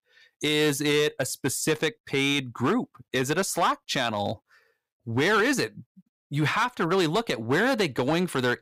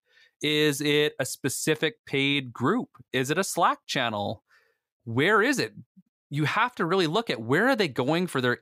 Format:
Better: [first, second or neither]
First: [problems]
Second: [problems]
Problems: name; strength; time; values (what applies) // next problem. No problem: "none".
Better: second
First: distortion; slight; 6% of the sound clipped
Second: none